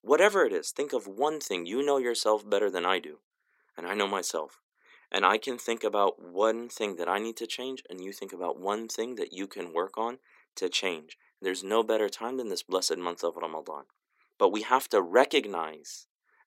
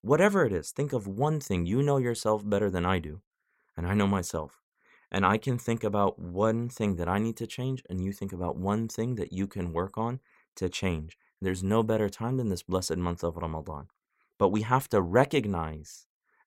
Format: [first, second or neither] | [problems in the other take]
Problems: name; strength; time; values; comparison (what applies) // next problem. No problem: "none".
second | thin; somewhat; fading below 300 Hz